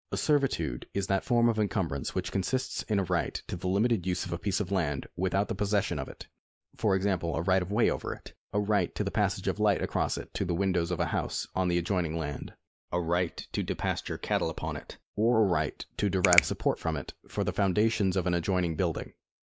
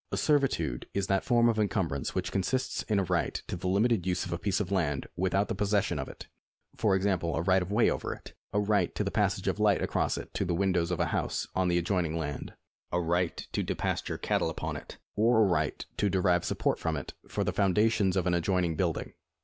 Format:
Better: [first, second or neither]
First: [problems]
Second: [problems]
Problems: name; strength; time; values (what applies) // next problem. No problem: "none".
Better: second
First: noise reduction (neural mask model Resemble Enhance denoiser)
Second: none